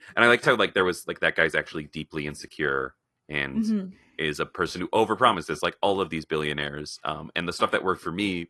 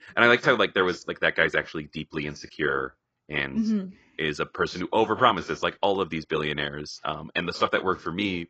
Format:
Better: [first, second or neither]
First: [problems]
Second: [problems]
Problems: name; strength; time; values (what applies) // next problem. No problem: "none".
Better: first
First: garbled, watery; slightly; nothing above 11.5 kHz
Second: garbled, watery; badly; nothing above 7.5 kHz